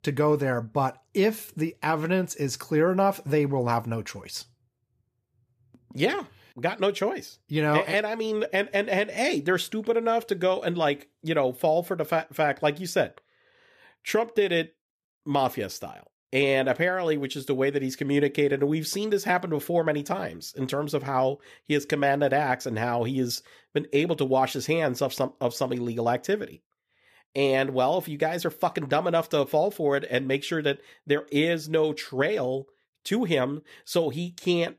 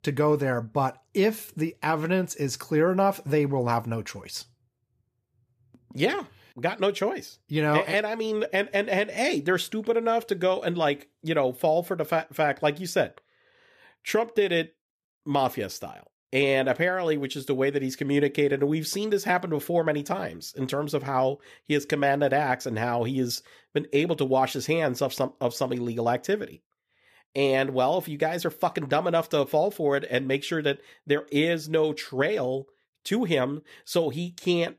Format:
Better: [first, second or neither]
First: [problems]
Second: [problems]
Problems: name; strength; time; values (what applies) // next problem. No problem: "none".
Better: neither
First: none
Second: none